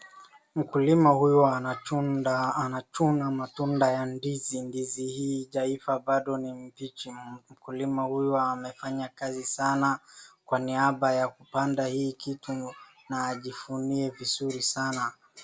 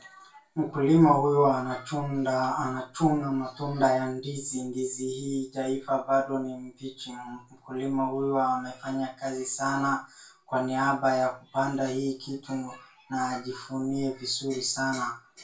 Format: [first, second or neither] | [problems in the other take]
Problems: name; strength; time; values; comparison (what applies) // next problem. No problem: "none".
first | room echo; dies away in 0.2 s